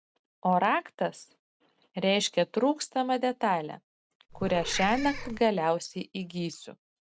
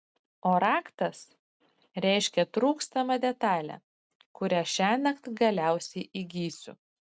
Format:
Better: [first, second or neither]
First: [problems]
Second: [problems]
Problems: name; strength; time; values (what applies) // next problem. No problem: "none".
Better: second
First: background sound (Meow / Purr); 8 dB below the speech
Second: none